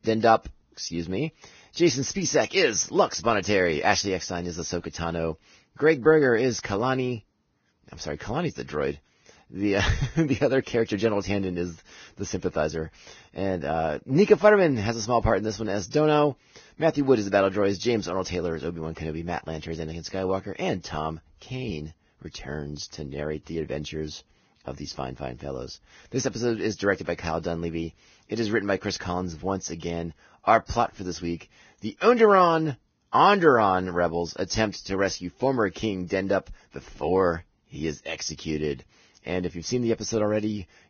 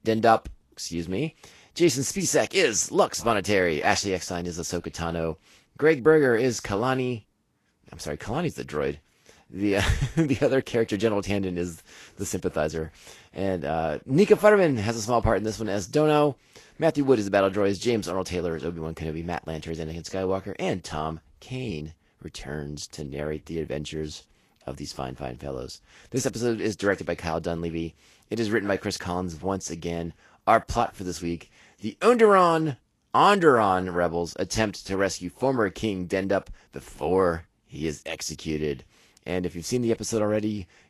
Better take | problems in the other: second | garbled, watery; badly; nothing above 6.5 kHz; slightly in the second

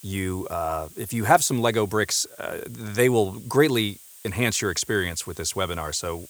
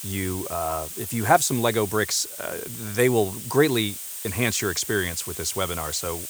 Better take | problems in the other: first | hiss; loud; throughout; 8 dB below the speech; faint in the first

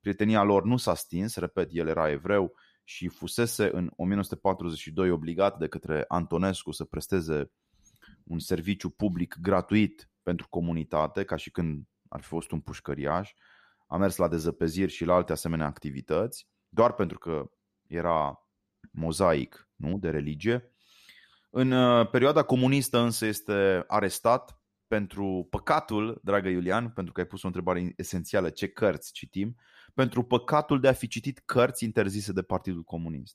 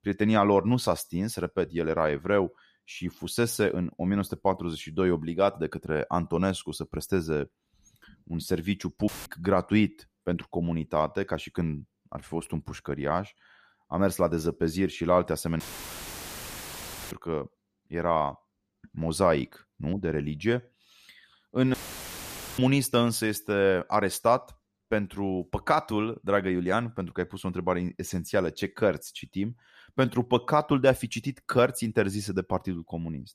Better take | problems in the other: first | audio cutting out; filled with static; at 9 s, at 16 s for 1.5 s and at 22 s for 1 s

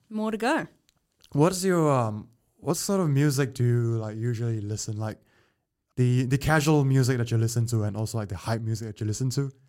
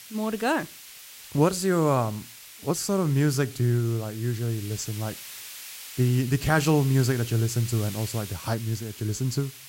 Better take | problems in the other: first | hiss; noticeable; throughout; 15 dB below the speech

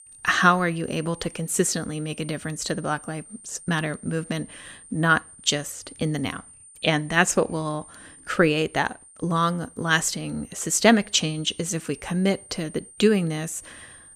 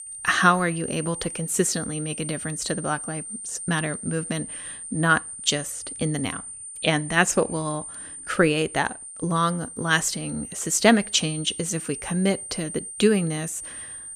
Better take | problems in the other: first | high-pitched whine; loud; throughout; 9 kHz, 9 dB below the speech; faint in the first

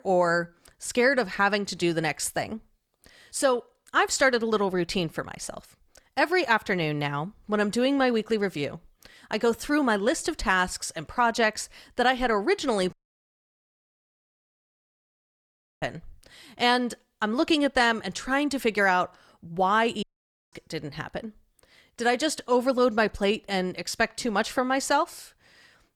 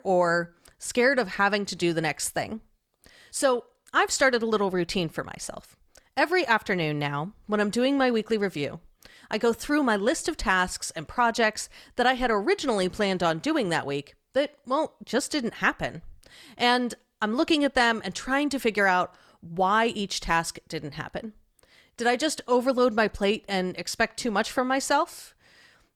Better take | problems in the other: second | audio cutting out; at 13 s for 3 s and at 20 s

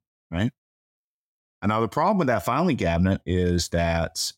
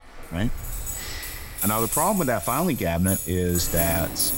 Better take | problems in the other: first | jangling keys; loud; peak 2 dB above the speech

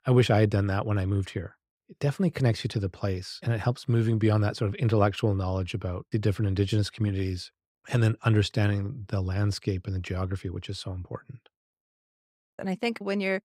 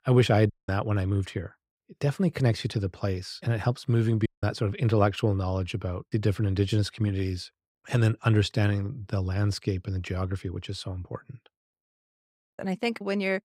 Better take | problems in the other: first | audio cutting out; at 0.5 s and at 4.5 s

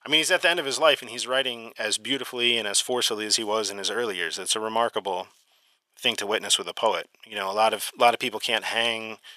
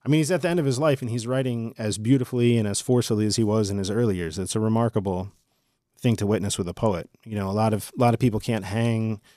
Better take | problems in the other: second | thin; very; fading below 750 Hz

